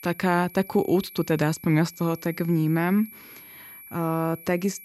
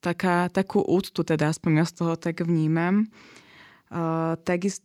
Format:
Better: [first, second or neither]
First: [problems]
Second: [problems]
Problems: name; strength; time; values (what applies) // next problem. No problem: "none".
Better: second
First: high-pitched whine; noticeable; throughout; 11.5 kHz, 20 dB below the speech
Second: none